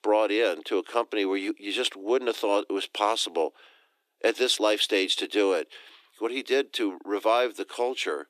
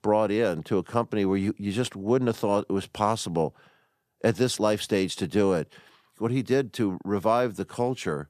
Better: second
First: thin; somewhat; fading below 300 Hz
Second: none

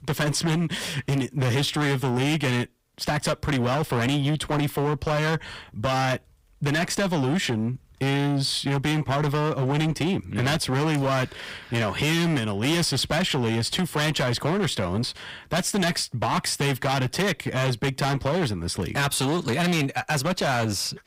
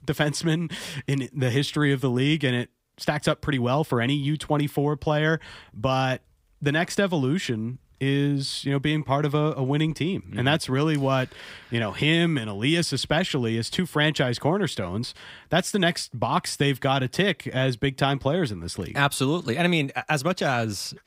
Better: second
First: distortion; heavy; 21% of the sound clipped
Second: none

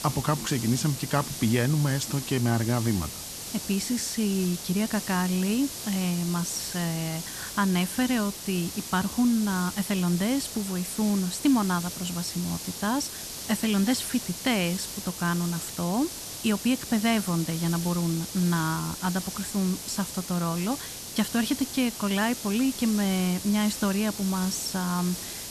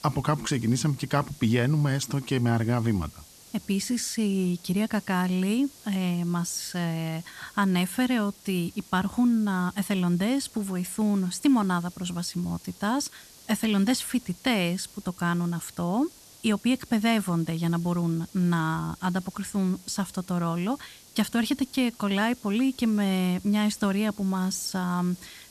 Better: second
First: hiss; loud; throughout; 7 dB below the speech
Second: hiss; faint; throughout; 20 dB below the speech

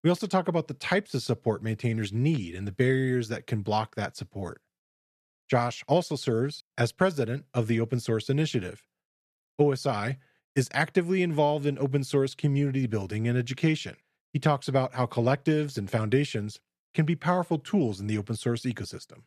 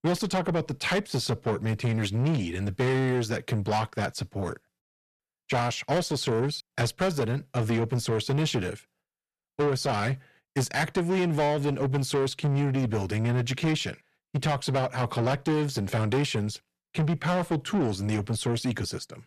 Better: first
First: none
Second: distortion; heavy; 7 dB below the speech

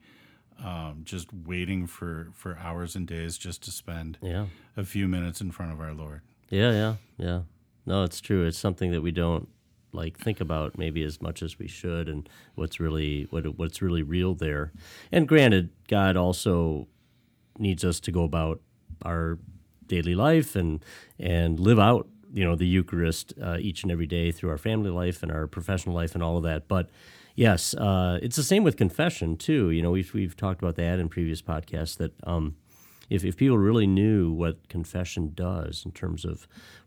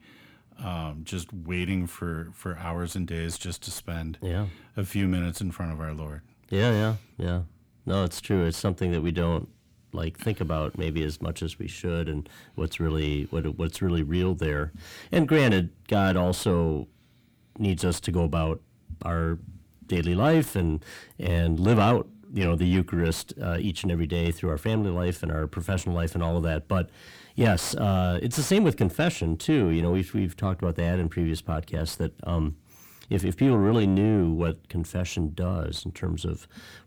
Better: first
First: none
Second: distortion; slight; 10 dB below the speech

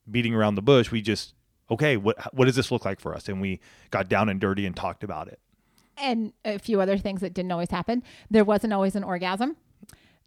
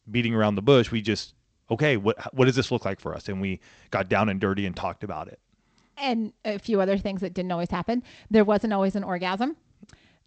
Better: first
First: none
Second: garbled, watery; slightly; nothing above 8 kHz

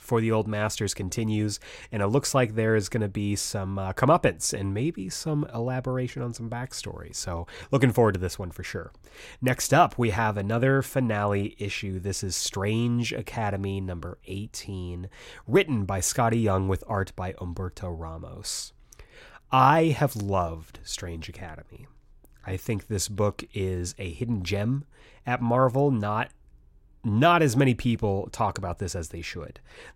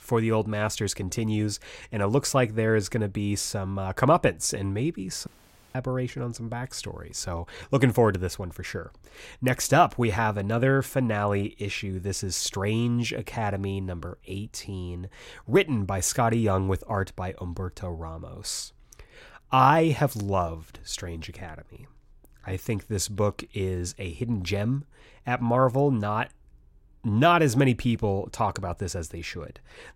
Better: first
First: none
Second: audio cutting out; at 5.5 s

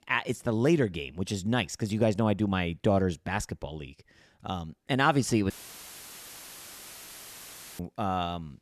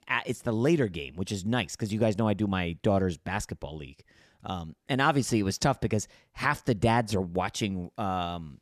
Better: second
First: audio cutting out; filled with static; at 5.5 s for 2.5 s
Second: none

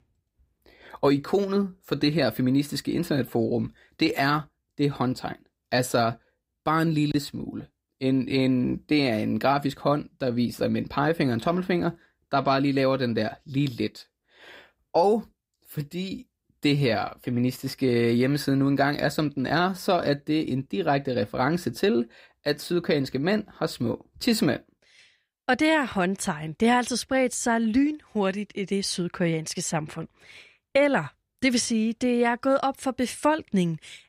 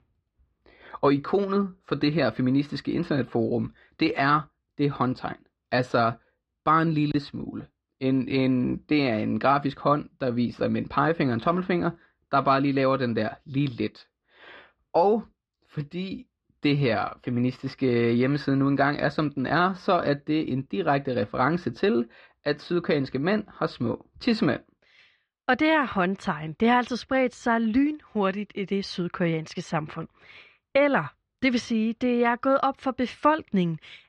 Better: first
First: none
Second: muffled; slightly; fading above 4 kHz

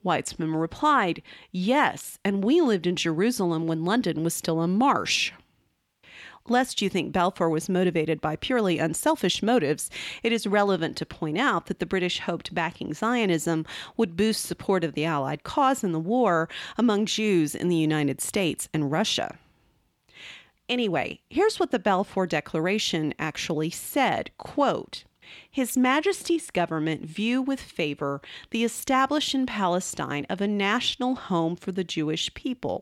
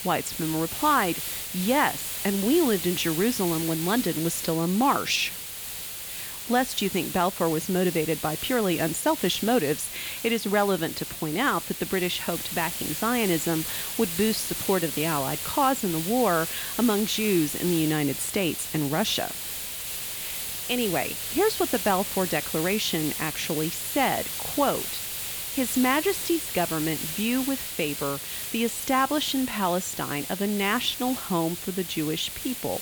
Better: first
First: none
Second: hiss; loud; throughout; 5 dB below the speech

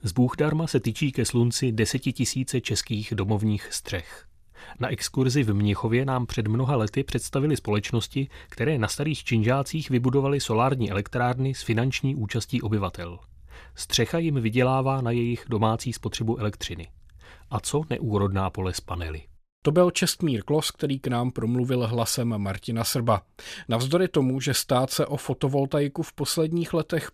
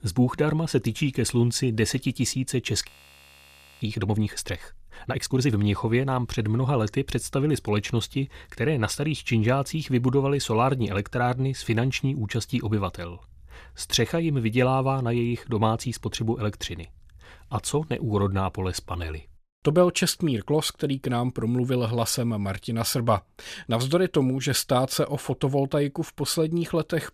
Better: first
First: none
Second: audio freezing; at 3 s for 1 s

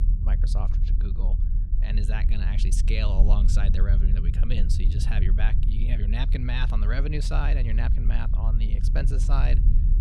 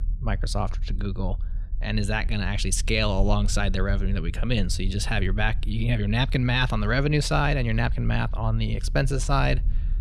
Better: second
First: low rumble; loud; throughout; 7 dB below the speech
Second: low rumble; faint; throughout; 25 dB below the speech

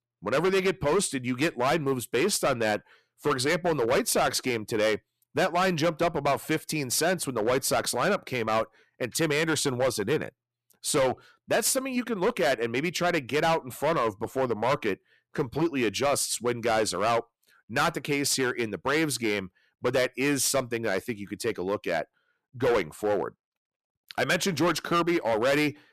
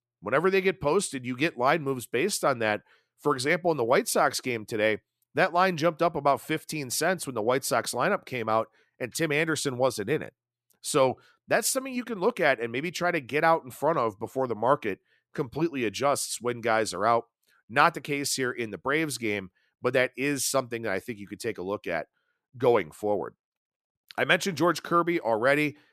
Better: second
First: distortion; heavy; 10% of the sound clipped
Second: none

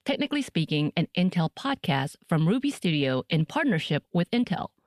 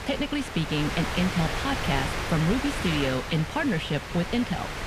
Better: first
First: none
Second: wind noise on the microphone; heavy; 1 dB below the speech

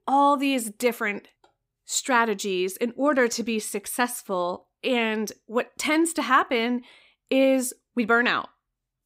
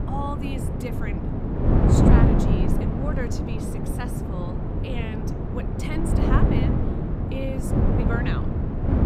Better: first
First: none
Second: wind noise on the microphone; heavy; 4 dB above the speech

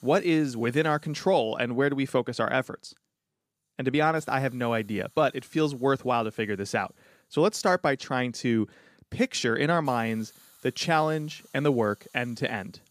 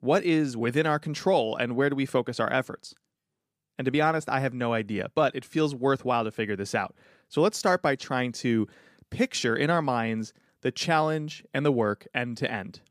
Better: second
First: hiss; faint; throughout; 30 dB below the speech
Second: none

